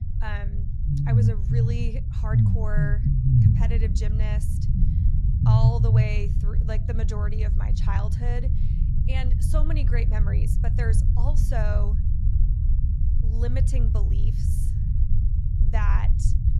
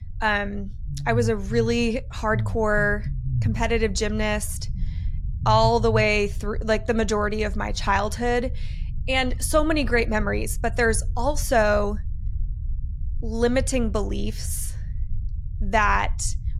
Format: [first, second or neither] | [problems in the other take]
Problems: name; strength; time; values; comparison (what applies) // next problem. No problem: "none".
second | low rumble; loud; throughout; 1 dB below the speech; faint in the second